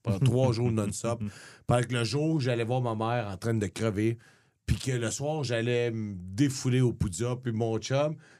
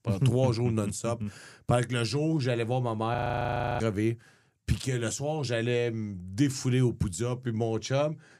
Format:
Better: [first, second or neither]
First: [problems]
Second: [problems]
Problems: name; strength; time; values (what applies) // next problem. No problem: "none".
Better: first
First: none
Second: audio freezing; at 3 s for 0.5 s